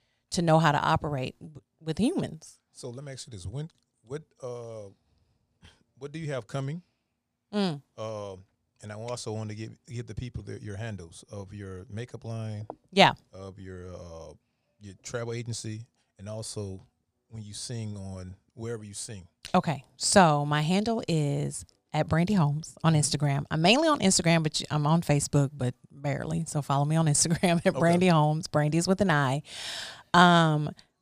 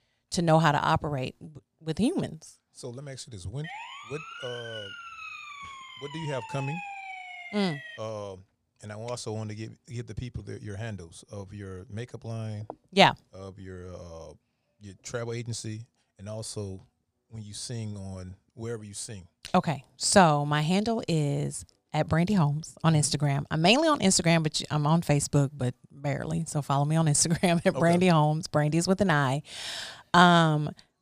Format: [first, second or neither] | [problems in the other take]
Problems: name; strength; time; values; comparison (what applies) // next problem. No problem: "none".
first | siren; faint; from 3.5 to 8 s; peak 10 dB below the speech